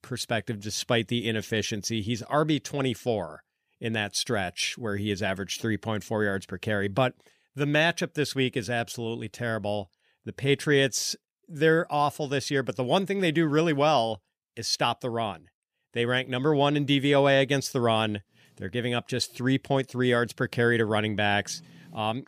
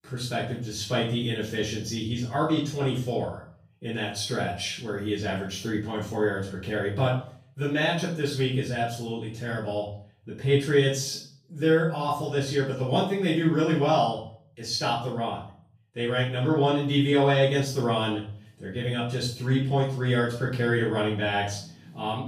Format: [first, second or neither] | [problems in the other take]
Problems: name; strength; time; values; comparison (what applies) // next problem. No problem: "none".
first | off-mic speech; far // room echo; noticeable; dies away in 0.5 s